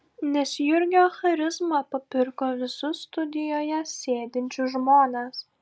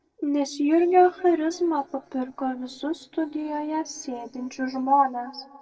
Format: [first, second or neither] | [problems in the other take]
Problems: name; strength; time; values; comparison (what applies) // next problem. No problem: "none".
first | noise reduction (neural separator model SepFormer DNS4)